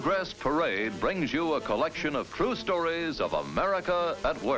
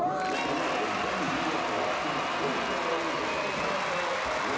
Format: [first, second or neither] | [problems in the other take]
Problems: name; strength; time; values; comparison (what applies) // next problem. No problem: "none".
first | background sound (Applause / Crowd / Cheering); 4 dB above the speech // room echo; dies away in 1.2 s